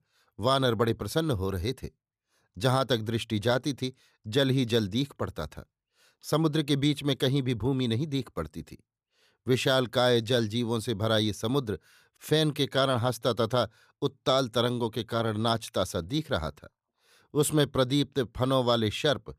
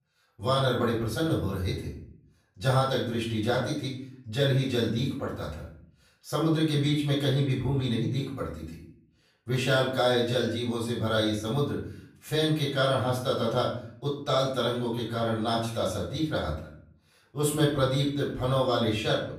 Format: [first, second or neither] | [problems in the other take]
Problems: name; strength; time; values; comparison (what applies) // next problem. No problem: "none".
first | off-mic speech; far // room echo; noticeable; dies away in 0.5 s